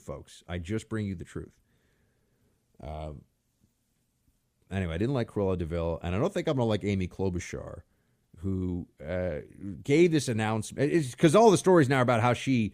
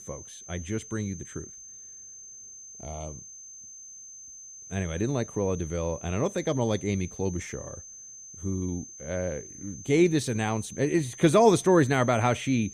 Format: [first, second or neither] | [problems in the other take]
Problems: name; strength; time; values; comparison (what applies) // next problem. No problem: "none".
first | high-pitched whine; noticeable; throughout; 6.5 kHz, 15 dB below the speech